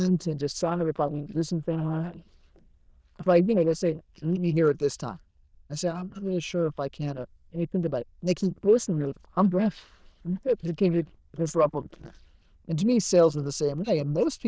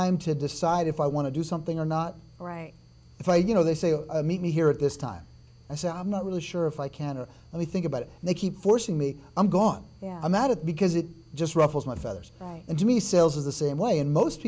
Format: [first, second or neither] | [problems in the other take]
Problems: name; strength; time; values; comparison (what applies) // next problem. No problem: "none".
second | noise reduction (neural diffusion model UNIVERSE++)